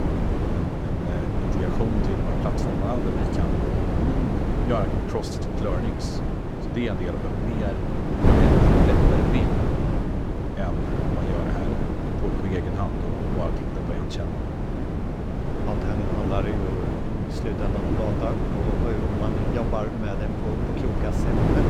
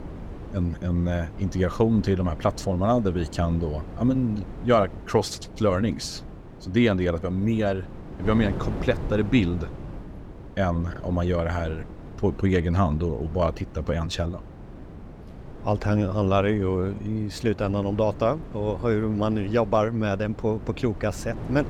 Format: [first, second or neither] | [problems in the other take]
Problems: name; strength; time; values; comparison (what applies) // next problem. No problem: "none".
second | wind noise on the microphone; heavy; 4 dB above the speech; occasional gusts in the second